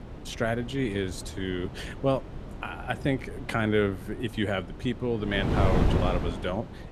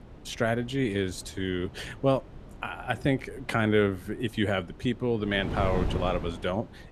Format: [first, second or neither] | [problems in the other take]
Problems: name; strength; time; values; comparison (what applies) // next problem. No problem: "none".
second | wind noise on the microphone; heavy; 8 dB below the speech; occasional gusts in the second